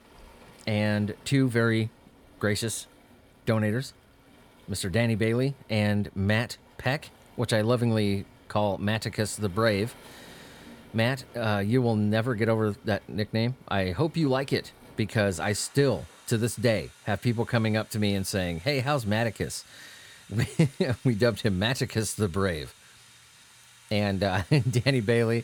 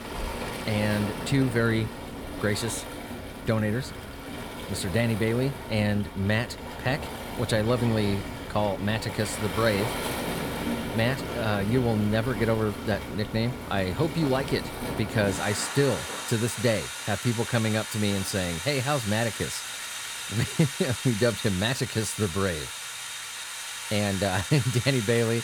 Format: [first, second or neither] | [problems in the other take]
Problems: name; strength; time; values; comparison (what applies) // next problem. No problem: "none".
first | rain or running water; loud; throughout; 6 dB below the speech; faint in the first